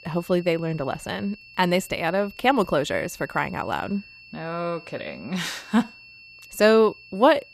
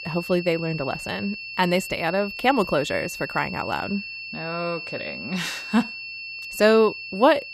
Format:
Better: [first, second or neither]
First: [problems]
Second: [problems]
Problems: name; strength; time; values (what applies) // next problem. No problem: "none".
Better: first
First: high-pitched whine; faint; throughout; 2.5 kHz, 20 dB below the speech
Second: high-pitched whine; loud; throughout; 2.5 kHz, 9 dB below the speech